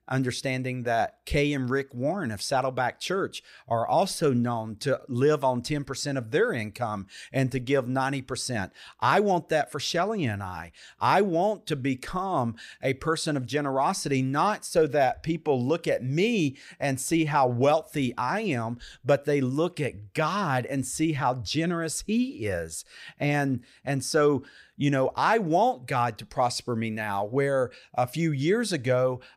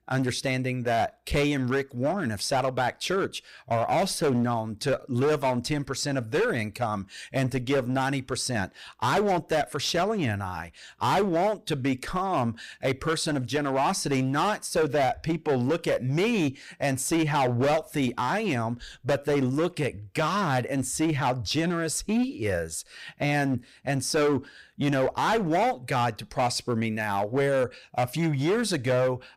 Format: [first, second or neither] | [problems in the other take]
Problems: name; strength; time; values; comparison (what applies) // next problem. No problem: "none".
first | distortion; slight; 13% of the sound clipped